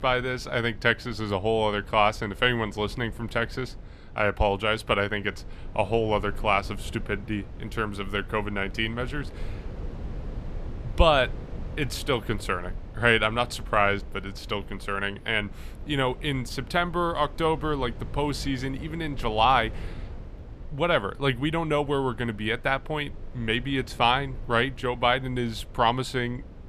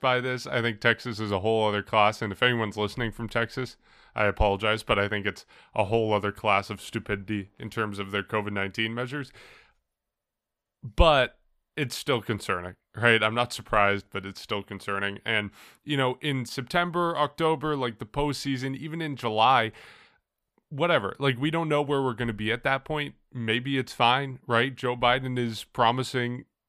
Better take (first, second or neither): second